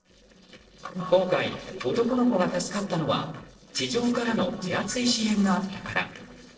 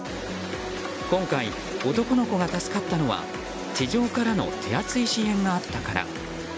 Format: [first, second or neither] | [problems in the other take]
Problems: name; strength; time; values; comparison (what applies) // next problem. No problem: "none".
second | noise reduction (neural separator model SepFormer DNS4)